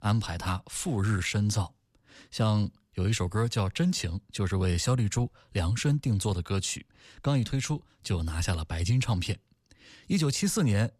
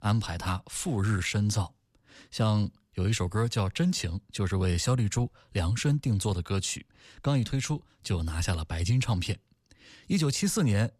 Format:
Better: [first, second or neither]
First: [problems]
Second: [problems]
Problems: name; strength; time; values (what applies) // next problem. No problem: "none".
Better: neither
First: none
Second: none